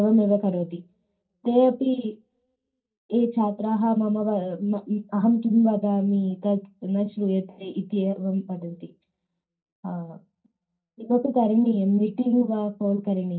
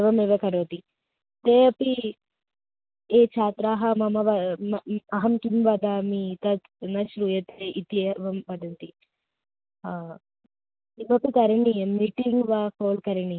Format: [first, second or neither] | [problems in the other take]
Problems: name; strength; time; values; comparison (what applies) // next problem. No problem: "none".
second | room echo; dies away in 0.3 s